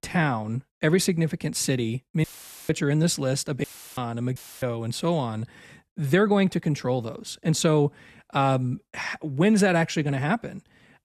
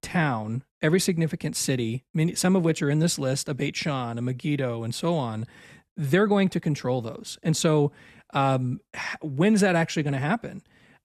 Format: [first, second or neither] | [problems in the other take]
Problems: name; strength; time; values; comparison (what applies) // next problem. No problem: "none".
second | audio cutting out; filled with static; at 2 s, at 3.5 s and at 4.5 s